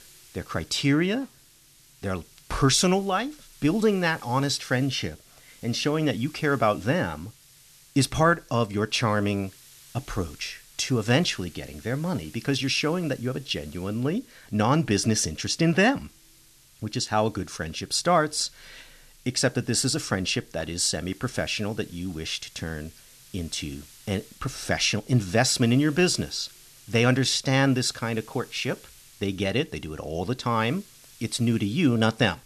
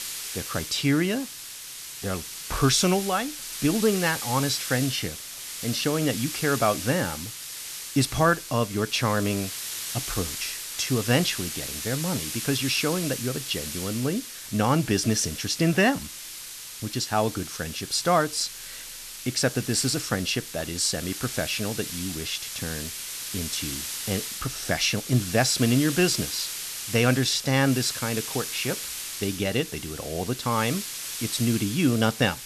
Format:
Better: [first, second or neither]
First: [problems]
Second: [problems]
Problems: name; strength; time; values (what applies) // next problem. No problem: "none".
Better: first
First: hiss; faint; throughout; 25 dB below the speech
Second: hiss; loud; throughout; 7 dB below the speech